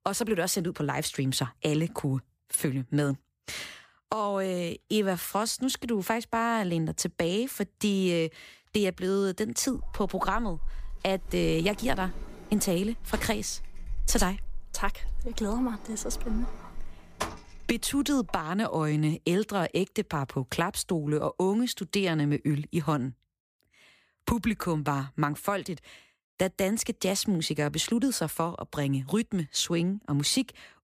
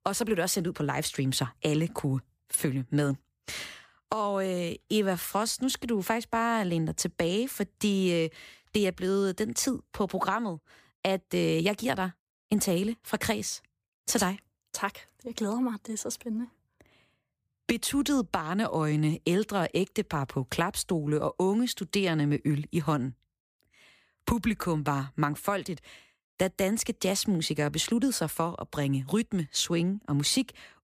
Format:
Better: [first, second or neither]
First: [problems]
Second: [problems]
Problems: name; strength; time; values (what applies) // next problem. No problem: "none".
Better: second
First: door banging; noticeable; from 10 to 18 s; peak 7 dB below the speech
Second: none